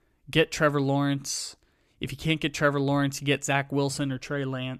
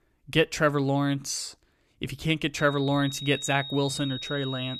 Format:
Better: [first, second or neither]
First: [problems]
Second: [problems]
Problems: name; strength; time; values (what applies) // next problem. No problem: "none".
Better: first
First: none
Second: high-pitched whine; loud; from 2.5 s on; 4 kHz, 10 dB below the speech